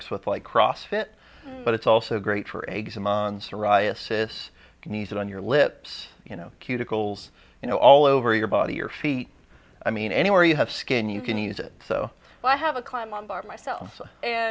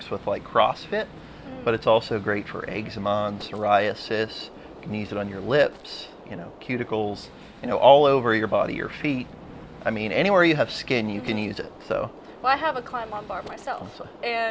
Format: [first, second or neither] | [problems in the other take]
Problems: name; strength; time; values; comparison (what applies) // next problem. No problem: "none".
first | background sound (Gunshot, gunfire); 18 dB below the speech